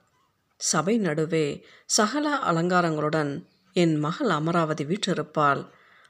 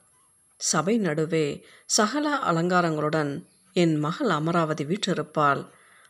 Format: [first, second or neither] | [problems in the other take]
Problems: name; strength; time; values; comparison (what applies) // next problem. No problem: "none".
first | high-pitched whine; faint; throughout; 11 kHz, 35 dB below the speech